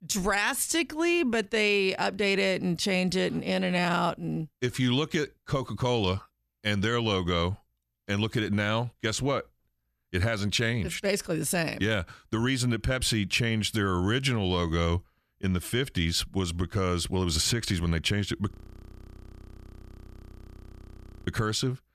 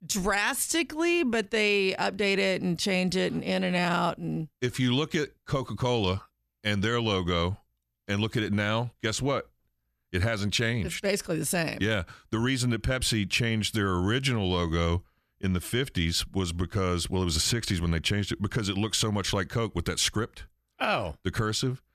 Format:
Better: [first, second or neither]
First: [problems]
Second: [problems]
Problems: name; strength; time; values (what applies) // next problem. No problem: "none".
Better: second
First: audio freezing; at 19 s for 3 s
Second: none